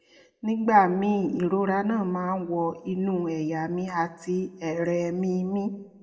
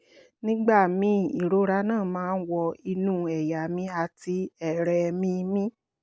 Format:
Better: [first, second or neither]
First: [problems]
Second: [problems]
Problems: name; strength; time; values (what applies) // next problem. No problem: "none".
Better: second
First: room echo; dies away in 1 s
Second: none